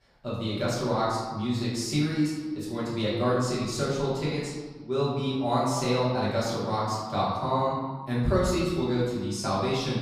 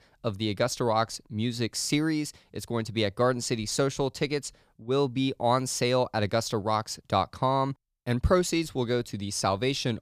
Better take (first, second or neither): second